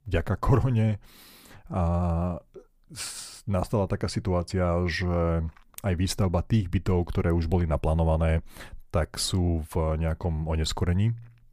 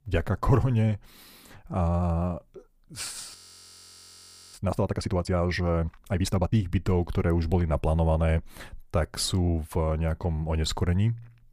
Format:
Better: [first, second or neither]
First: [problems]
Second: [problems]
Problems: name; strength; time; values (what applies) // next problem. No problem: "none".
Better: first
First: none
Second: audio freezing; at 3.5 s for 1 s